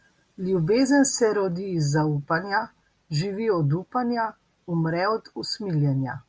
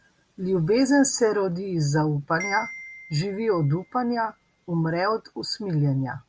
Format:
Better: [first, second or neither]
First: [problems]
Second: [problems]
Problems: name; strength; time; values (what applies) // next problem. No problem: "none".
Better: first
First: none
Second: background sound (Marimba, xylophone); 17 dB below the speech